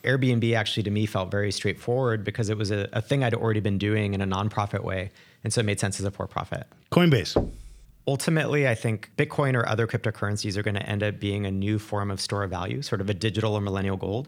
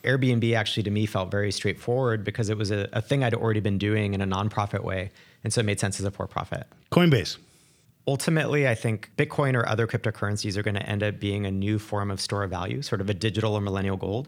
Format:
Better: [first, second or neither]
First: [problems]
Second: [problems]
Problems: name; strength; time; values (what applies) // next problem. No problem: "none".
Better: second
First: door banging; noticeable; at 7.5 s; peak 2 dB below the speech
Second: none